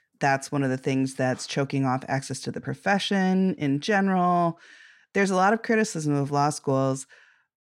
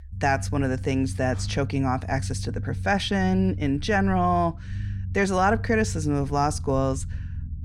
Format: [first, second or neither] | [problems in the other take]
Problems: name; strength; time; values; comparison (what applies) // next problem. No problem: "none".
first | low rumble; faint; throughout; 20 dB below the speech